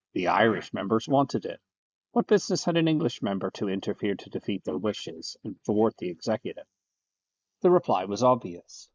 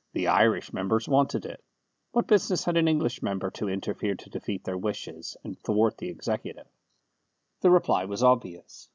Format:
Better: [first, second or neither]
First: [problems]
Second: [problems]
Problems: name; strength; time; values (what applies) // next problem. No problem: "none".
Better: second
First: noise reduction (neural mask model Resemble Enhance denoiser)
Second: none